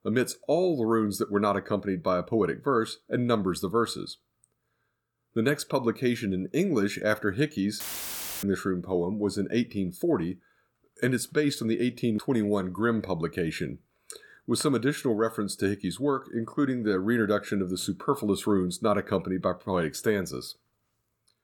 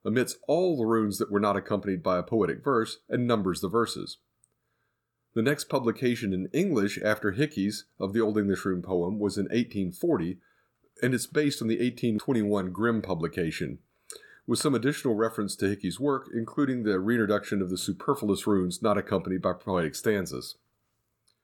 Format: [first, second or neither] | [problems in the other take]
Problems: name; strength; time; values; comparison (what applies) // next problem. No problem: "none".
second | audio cutting out; filled with static; at 8 s for 0.5 s